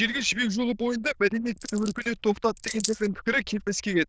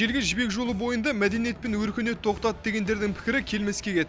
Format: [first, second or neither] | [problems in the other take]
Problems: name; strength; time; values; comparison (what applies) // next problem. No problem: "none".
second | noise reduction (neural diffusion model UNIVERSE++)